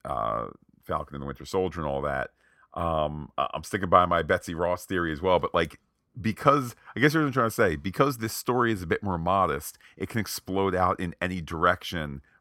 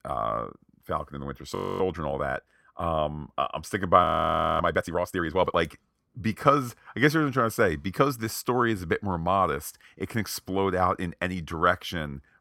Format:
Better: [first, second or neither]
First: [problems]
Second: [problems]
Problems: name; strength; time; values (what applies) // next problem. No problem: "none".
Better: first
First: none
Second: audio freezing; at 1.5 s and at 4 s for 0.5 s